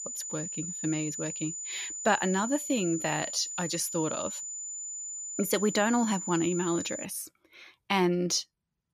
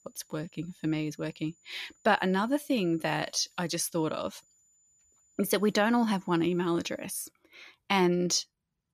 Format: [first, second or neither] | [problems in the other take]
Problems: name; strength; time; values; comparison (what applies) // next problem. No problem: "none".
second | high-pitched whine; loud; until 7 s; 7 kHz, 5 dB below the speech; faint in the second